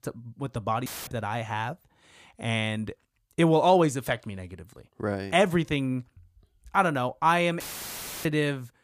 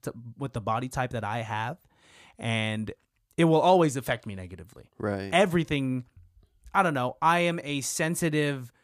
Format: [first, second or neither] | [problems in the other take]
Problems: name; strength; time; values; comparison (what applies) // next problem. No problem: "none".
second | audio cutting out; filled with static; at 1 s and at 7.5 s for 0.5 s